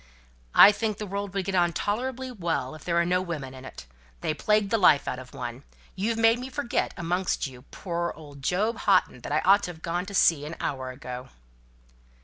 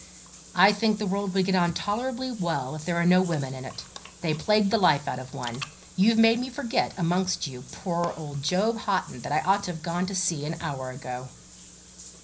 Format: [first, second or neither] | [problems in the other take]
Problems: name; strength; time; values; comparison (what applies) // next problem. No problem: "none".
first | background sound (Bathtub (filling or washing) / Water); 20 dB below the speech // room echo; dies away in 0.5 s